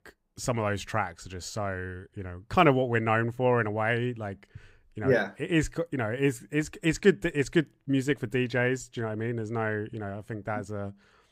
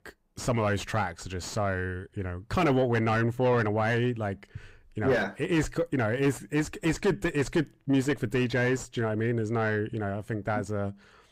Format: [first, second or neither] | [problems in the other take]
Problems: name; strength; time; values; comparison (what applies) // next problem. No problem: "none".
first | distortion; heavy; 7 dB below the speech